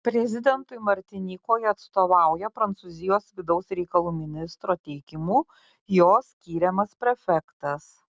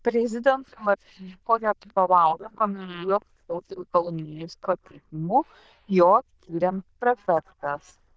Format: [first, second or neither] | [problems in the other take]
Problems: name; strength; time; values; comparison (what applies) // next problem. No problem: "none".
first | noise reduction (neural diffusion model UNIVERSE++)